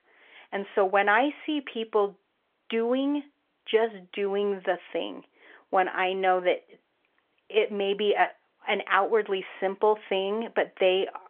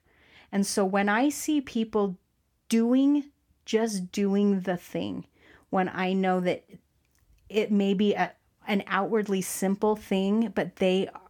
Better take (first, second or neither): second